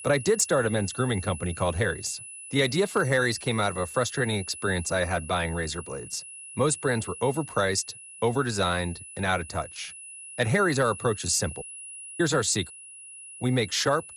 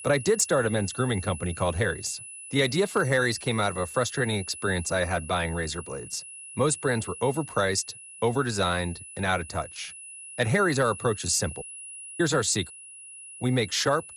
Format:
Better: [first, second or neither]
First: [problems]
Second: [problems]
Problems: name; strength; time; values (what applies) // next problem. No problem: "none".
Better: neither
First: high-pitched whine; noticeable; throughout; 10 kHz, 15 dB below the speech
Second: high-pitched whine; noticeable; throughout; 10 kHz, 15 dB below the speech